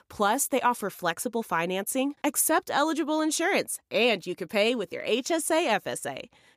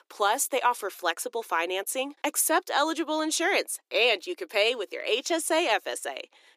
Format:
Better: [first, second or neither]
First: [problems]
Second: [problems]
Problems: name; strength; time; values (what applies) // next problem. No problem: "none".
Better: first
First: none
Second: thin; somewhat; fading below 350 Hz